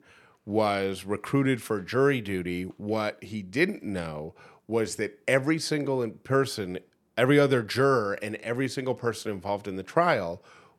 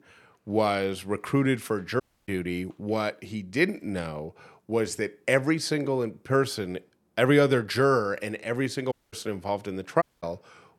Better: first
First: none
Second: audio cutting out; at 2 s, at 9 s and at 10 s

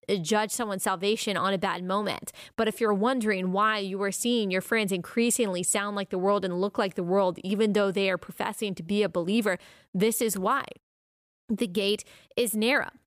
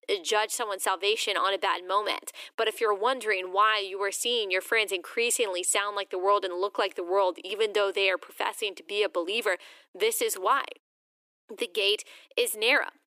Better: first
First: none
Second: thin; very; fading below 300 Hz

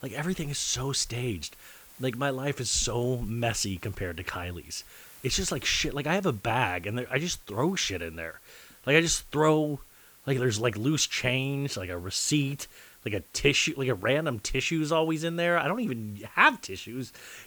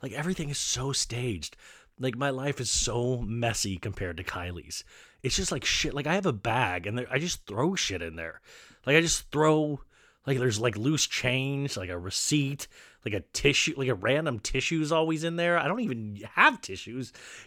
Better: second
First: hiss; faint; throughout; 25 dB below the speech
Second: none

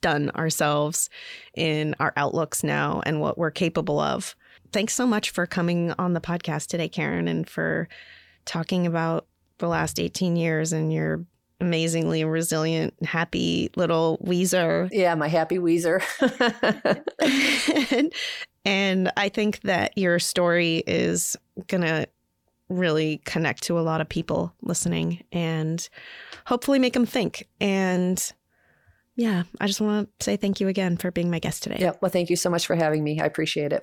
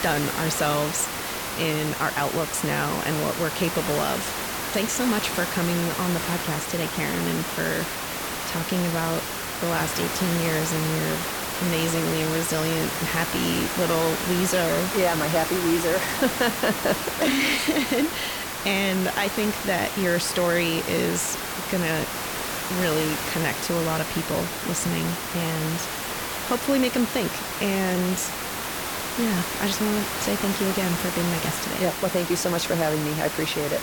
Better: first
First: none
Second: hiss; loud; throughout; 2 dB below the speech

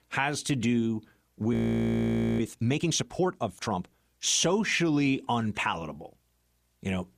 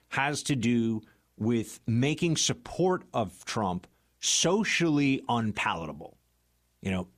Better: second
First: audio freezing; at 1.5 s for 1 s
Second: none

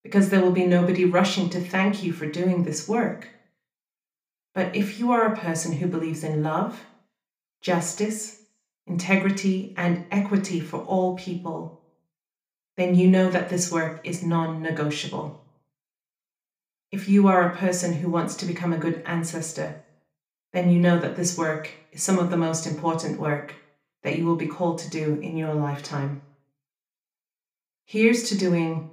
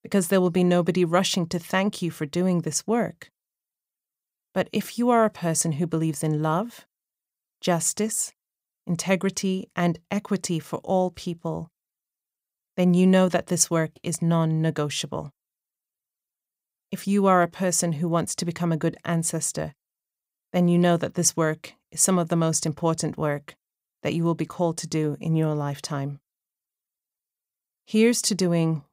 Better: second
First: room echo; slight; dies away in 0.4 s // off-mic speech; far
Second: none

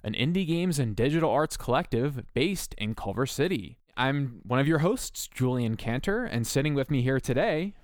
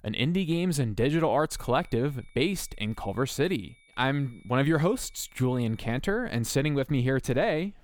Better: first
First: none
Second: high-pitched whine; faint; from 1.5 to 6 s; 2.5 kHz, 30 dB below the speech

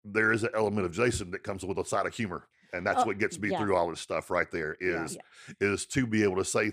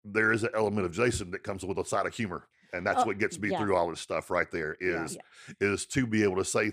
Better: neither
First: none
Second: none

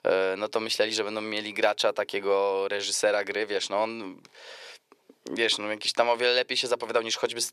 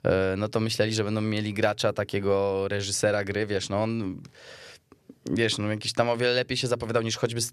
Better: second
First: thin; somewhat; fading below 450 Hz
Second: none

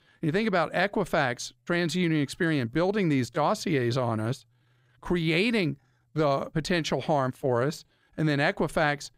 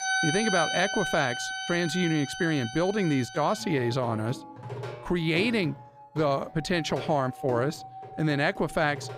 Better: first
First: none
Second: background music; loud; throughout; 7 dB below the speech

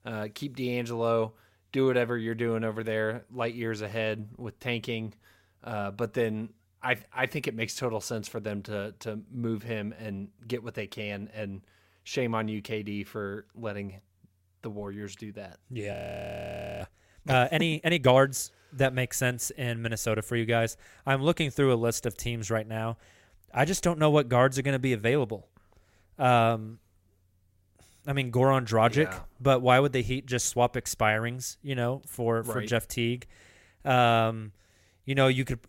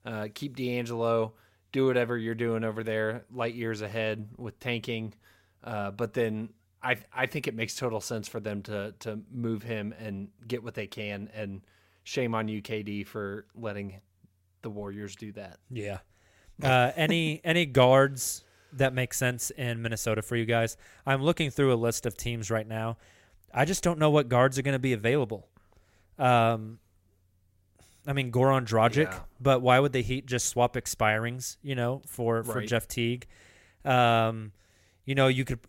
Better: second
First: audio freezing; at 16 s for 1 s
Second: none

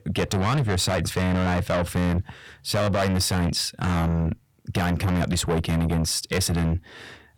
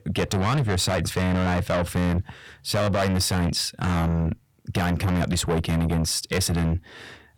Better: neither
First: distortion; heavy; 6 dB below the speech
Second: distortion; heavy; 6 dB below the speech

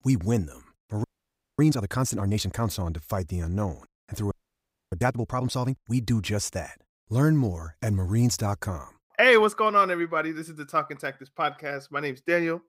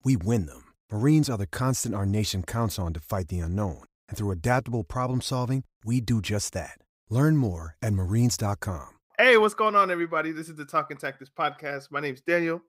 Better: second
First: audio freezing; at 1 s for 0.5 s and at 4.5 s for 0.5 s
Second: none

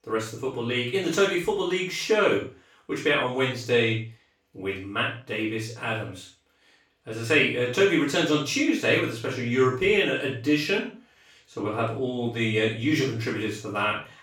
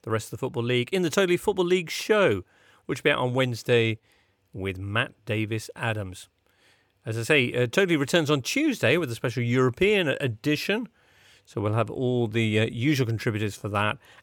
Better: second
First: room echo; noticeable; dies away in 0.3 s // off-mic speech; far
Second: none

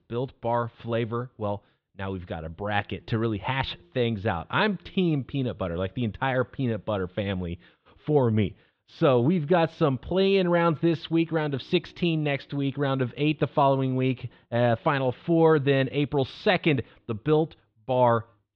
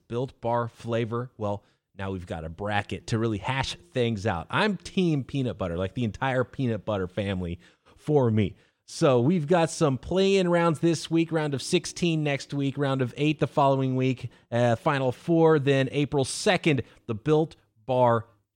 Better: second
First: muffled; slightly; fading above 3.5 kHz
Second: none

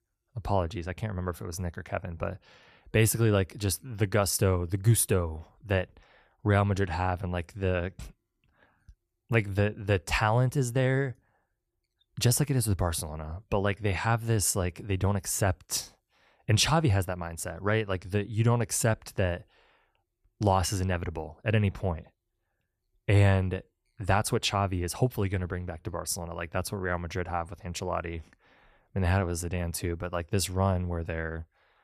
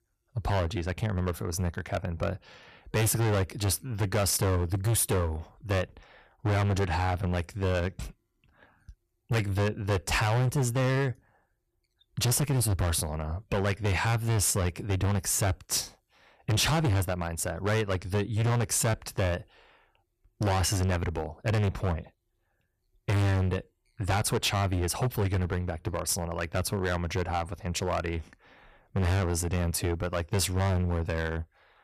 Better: first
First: none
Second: distortion; heavy; 16% of the sound clipped

